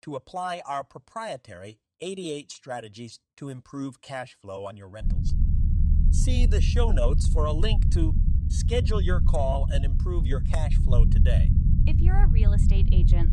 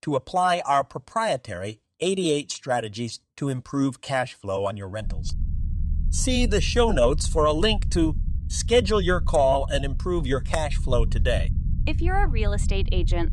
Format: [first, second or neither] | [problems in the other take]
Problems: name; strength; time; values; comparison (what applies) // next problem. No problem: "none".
second | low rumble; loud; from 5 s on; 6 dB below the speech; faint in the second